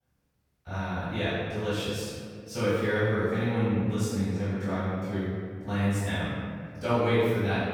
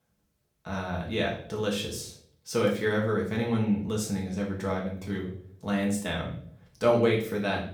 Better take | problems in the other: second | room echo; strong; dies away in 2 s; slight in the second // off-mic speech; far; far in the second

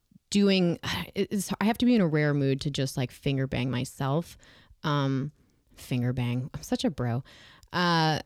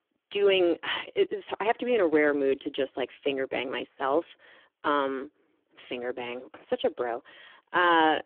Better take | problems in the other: first | phone-call audio; poor line

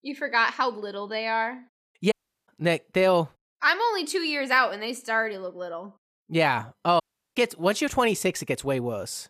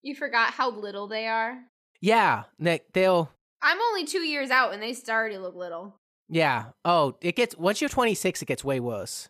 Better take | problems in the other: second | audio cutting out; at 2 s and at 7 s

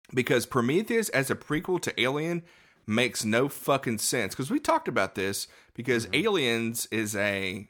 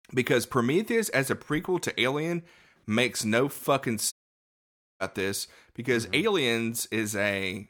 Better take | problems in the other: first | audio cutting out; at 4 s for 1 s

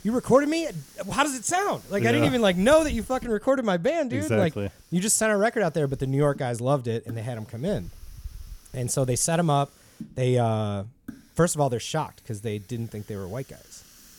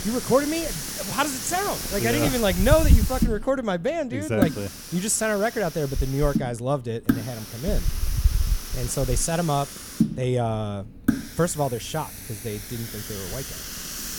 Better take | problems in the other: first | hiss; loud; throughout; 3 dB below the speech; faint in the first

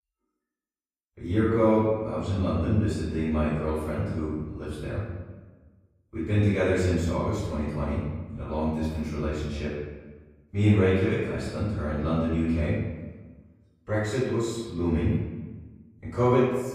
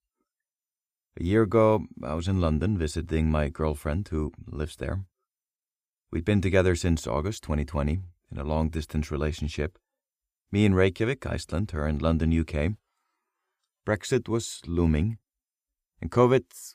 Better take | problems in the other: second | off-mic speech; far // room echo; strong; dies away in 1.1 s

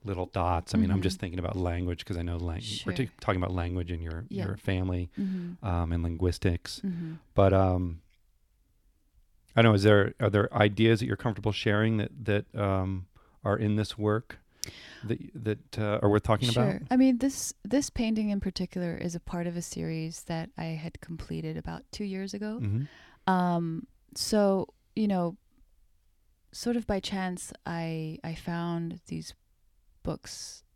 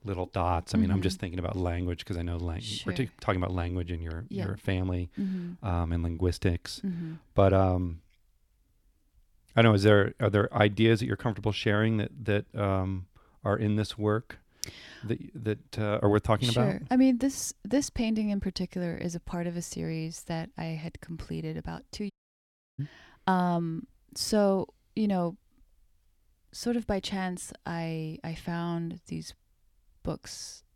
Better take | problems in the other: first | audio cutting out; at 22 s for 0.5 s

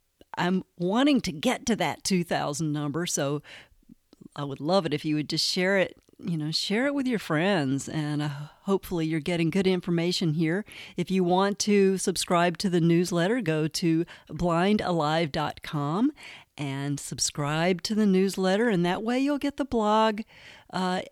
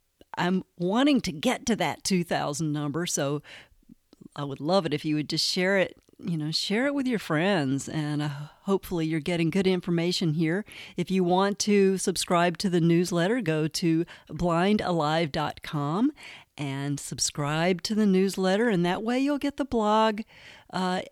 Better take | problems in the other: neither | none

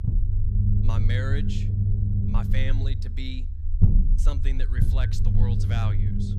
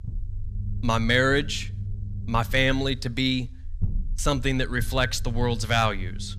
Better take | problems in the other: second | low rumble; loud; throughout; 1 dB below the speech; faint in the second

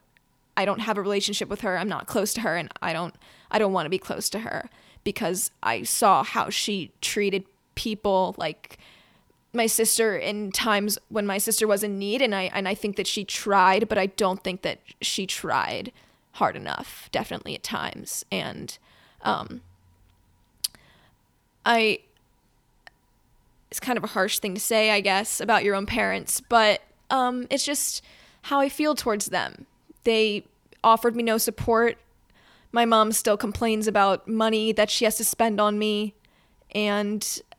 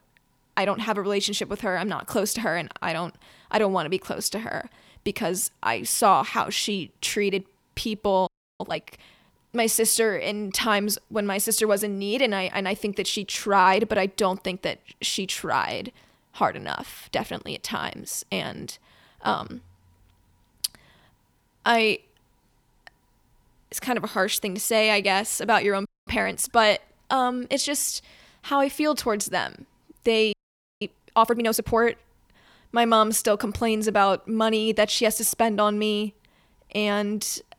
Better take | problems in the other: first | audio freezing; at 8.5 s, at 26 s and at 30 s

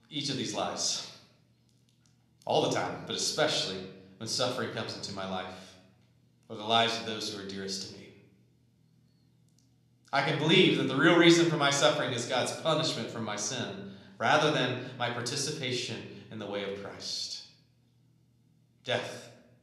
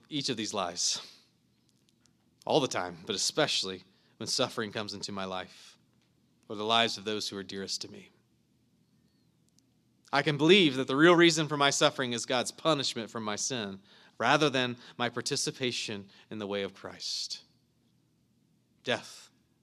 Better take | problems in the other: second | room echo; slight; dies away in 0.7 s

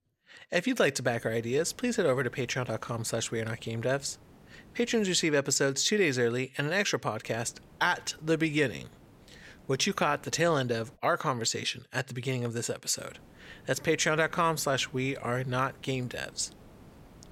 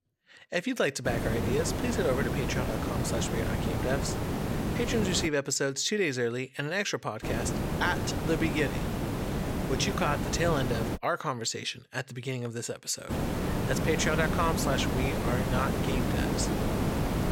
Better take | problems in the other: first | hiss; loud; from 1 to 5.5 s, from 7 to 11 s and from 13 s on; as loud as the speech; faint in the first

